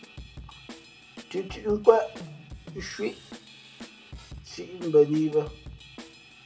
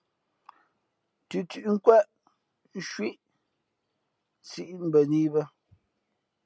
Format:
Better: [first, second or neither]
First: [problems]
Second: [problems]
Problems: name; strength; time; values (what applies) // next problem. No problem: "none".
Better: second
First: background sound (Drum / Drum kit); 16 dB below the speech // room echo; dies away in 0.3 s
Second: none